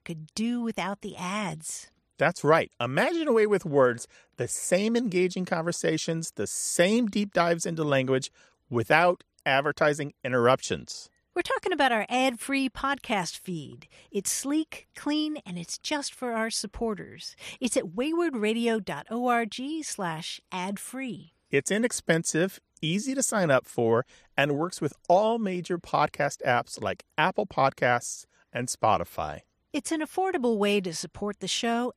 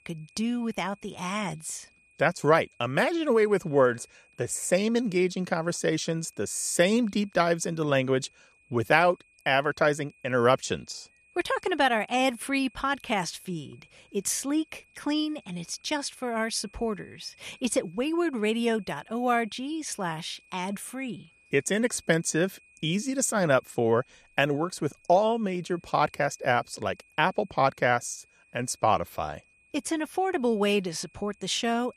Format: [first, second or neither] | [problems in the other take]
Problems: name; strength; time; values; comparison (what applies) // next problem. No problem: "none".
first | high-pitched whine; faint; throughout; 2.5 kHz, 30 dB below the speech